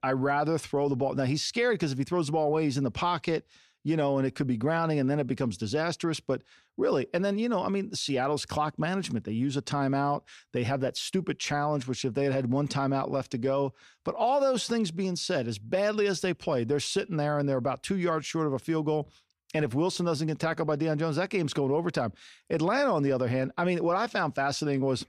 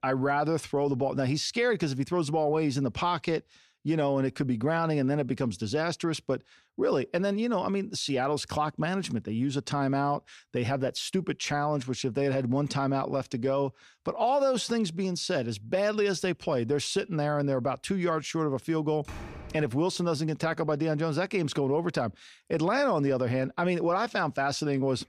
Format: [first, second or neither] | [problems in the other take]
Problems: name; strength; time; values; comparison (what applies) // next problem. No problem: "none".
first | door banging; faint; at 19 s; peak 15 dB below the speech